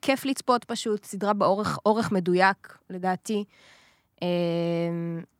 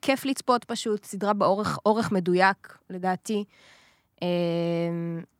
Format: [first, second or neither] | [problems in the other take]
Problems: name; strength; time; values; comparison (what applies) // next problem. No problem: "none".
neither | none